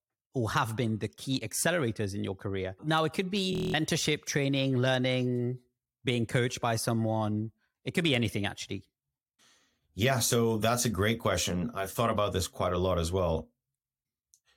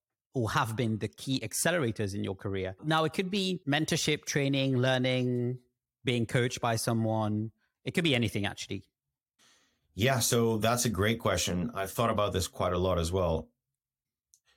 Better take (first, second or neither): second